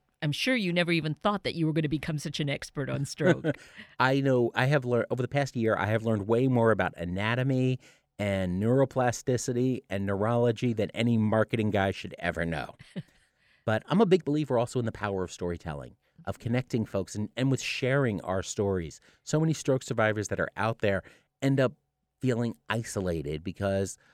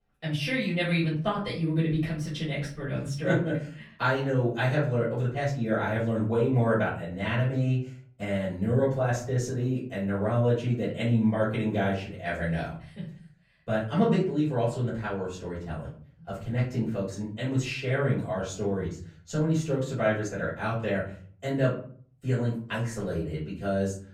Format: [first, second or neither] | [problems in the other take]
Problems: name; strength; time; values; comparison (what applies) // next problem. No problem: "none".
first | off-mic speech; far // room echo; slight; dies away in 0.5 s